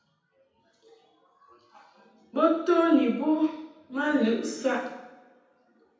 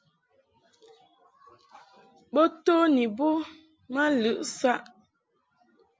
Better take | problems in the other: second | room echo; dies away in 0.9 s

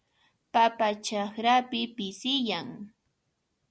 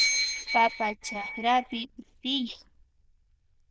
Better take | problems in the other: first | noise reduction (neural diffusion model UNIVERSE++)

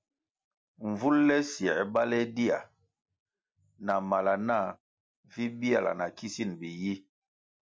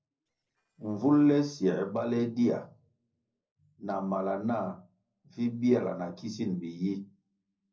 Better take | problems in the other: first | noise reduction (neural separator model SepFormer DNS4)

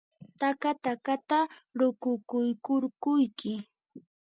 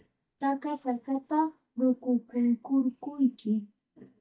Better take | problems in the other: first | noise reduction (neural mask model DeepFilterNet 3)

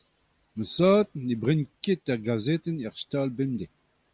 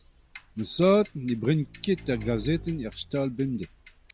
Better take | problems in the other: first | background sound (Clock + Motorcycle / Engine); 18 dB below the speech

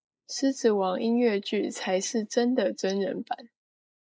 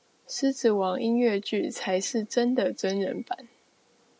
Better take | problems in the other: second | noise reduction (neural mask model Resemble Enhance denoiser)

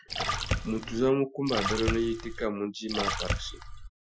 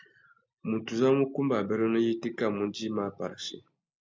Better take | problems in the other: second | noise reduction (classical method Wiener filter)

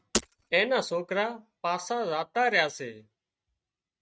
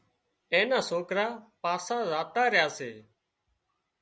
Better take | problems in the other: second | noise reduction (neural mask model RNNoise)

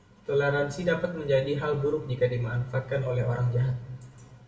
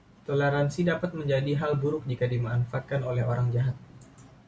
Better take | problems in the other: second | room echo; dies away in 0.9 s

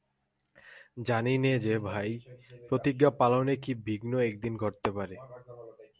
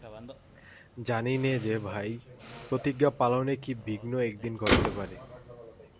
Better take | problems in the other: first | background sound (Motor vehicle (road)); 5 dB below the speech

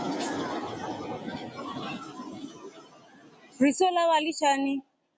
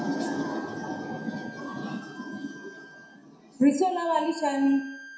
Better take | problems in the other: first | background sound (Bowed string instrument); 17 dB below the speech // room echo; dies away in 0.6 s

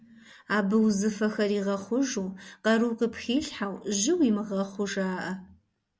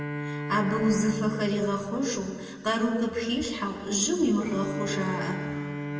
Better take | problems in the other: first | background sound (Bowed string instrument); 8 dB below the speech // room echo; dies away in 2.2 s

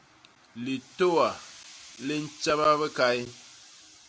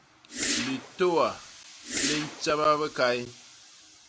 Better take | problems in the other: first | background sound (Whoosh, swoosh, swish); 5 dB below the speech

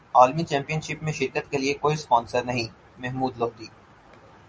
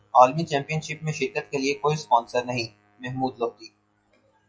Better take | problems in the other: first | noise reduction (classical method log-MMSE)

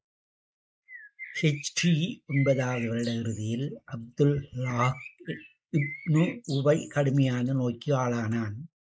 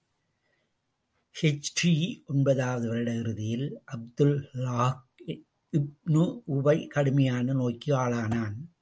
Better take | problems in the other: second | noise reduction (neural mask model Resemble Enhance denoiser)

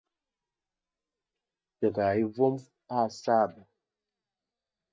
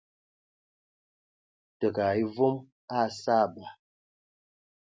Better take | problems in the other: second | noise reduction (neural mask model DeepFilterNet 3)

